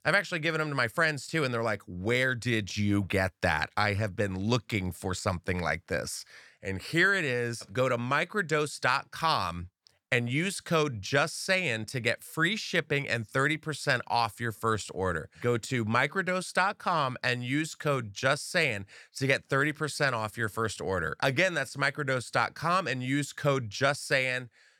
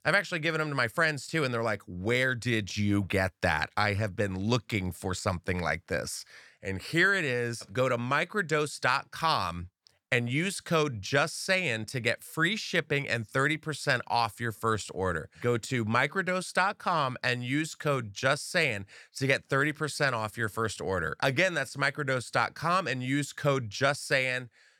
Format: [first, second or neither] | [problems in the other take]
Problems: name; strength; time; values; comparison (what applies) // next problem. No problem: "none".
neither | none